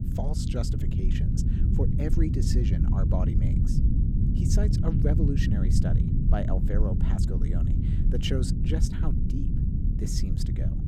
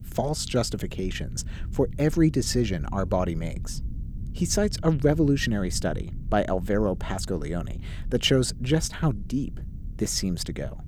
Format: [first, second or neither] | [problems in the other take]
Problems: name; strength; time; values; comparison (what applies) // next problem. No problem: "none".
second | low rumble; loud; throughout; 1 dB below the speech; faint in the second